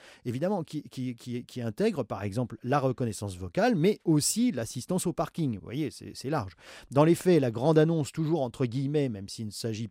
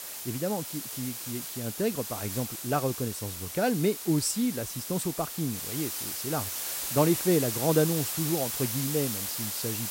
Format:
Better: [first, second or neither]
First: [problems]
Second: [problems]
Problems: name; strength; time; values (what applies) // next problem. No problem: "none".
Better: first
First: none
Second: hiss; loud; throughout; 3 dB below the speech